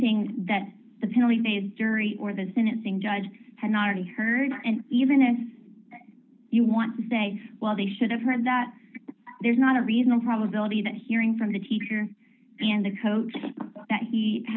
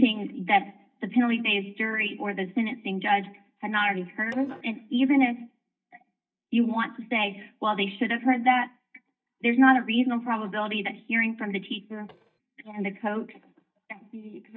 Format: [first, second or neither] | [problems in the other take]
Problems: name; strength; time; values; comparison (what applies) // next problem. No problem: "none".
first | noise reduction (neural mask model DeepFilterNet 3)